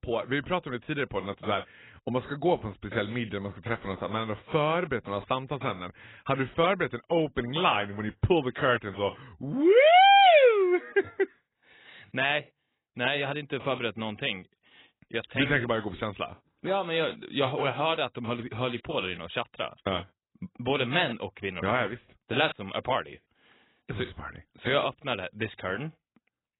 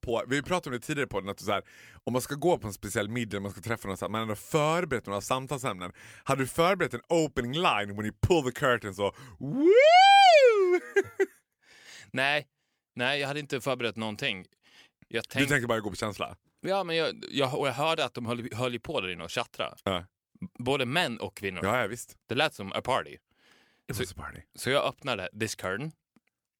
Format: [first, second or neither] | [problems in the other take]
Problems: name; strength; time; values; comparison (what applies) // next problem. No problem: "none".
second | garbled, watery; badly; nothing above 3.5 kHz